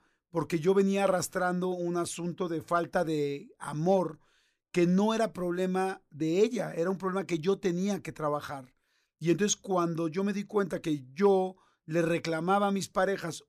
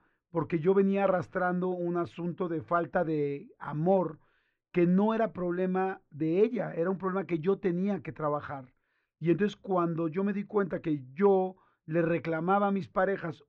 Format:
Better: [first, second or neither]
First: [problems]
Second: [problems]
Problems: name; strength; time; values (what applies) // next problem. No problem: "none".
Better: first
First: none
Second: muffled; very; fading above 2.5 kHz